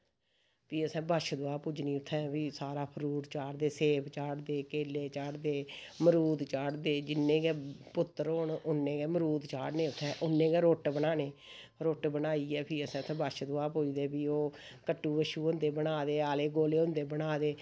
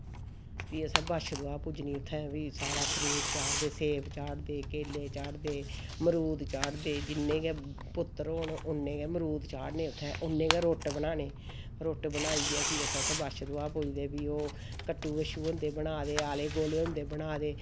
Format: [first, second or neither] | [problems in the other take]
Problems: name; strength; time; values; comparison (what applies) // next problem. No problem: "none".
first | background sound (Tearing); 3 dB below the speech